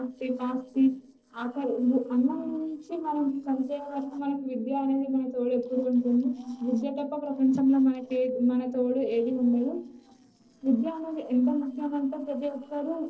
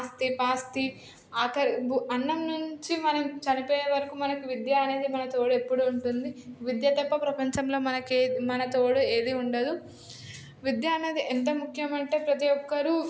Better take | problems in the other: second | noise reduction (neural separator model SepFormer DNS4)

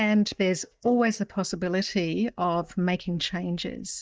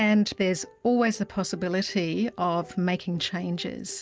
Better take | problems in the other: second | noise reduction (neural mask model DeepFilterNet 3)

